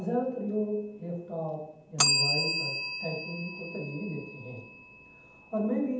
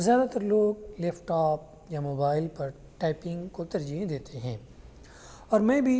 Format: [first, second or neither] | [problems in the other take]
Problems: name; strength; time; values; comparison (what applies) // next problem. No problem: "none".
second | background sound (Bell); as loud as the speech // room echo; dies away in 0.8 s